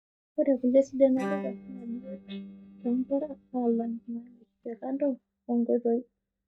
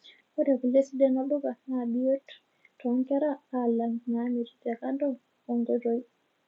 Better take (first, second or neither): second